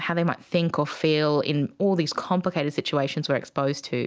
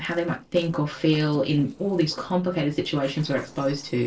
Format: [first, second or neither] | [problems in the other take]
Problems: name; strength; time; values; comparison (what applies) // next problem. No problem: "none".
first | noise reduction (neural separator model SepFormer DNS4)